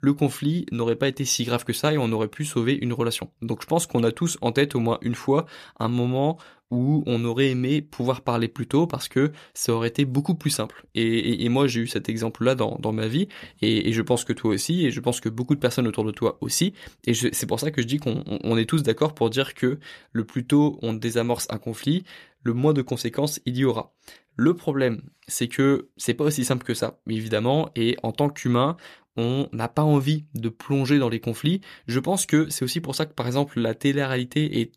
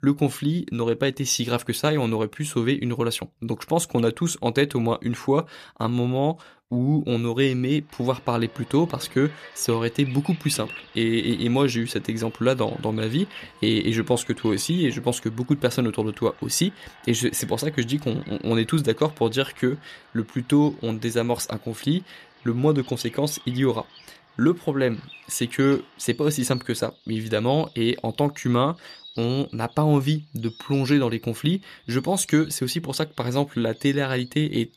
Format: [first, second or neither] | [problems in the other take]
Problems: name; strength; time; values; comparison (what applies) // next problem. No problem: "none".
first | animal sounds; faint; from 8 s on; 20 dB below the speech